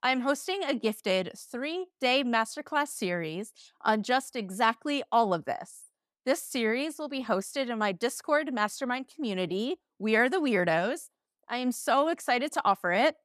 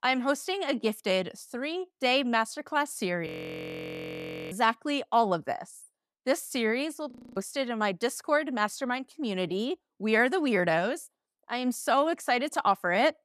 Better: first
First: none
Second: audio freezing; at 3.5 s for 1 s and at 7 s

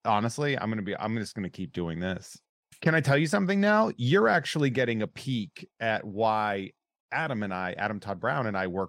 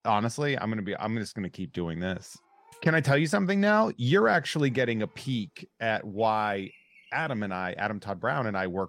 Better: first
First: none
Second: animal sounds; faint; throughout; 30 dB below the speech

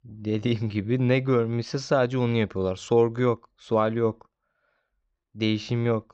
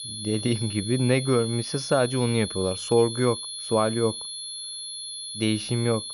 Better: first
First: none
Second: high-pitched whine; loud; throughout; 10.5 kHz, 7 dB below the speech

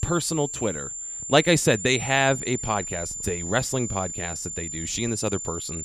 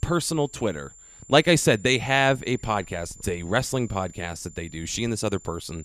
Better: second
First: high-pitched whine; loud; throughout; 7 kHz, 6 dB below the speech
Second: high-pitched whine; faint; throughout; 7 kHz, 20 dB below the speech

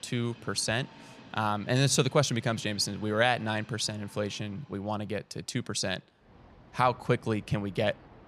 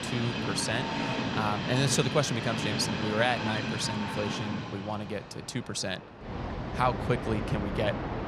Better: first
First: train or aircraft noise; faint; throughout; 25 dB below the speech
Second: train or aircraft noise; loud; throughout; 2 dB below the speech

